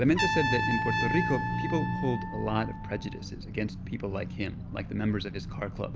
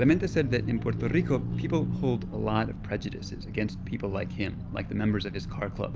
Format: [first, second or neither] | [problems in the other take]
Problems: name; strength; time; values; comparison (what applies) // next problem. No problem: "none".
second | background sound (Trumpet); 5 dB below the speech